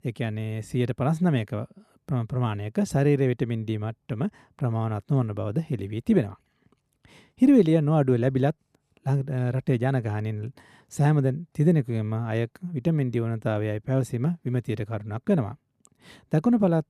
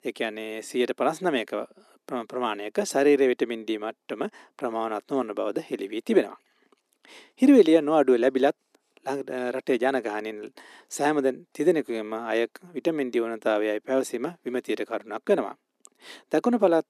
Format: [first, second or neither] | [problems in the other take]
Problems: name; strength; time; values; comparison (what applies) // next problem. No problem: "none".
first | thin; somewhat; fading below 300 Hz